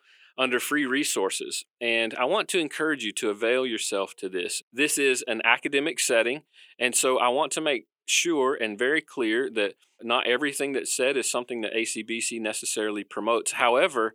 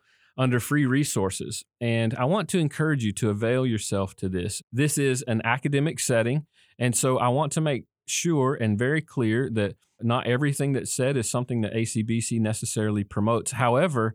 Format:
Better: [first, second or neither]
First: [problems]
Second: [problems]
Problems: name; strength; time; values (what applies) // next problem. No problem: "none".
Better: second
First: thin; somewhat; fading below 350 Hz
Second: none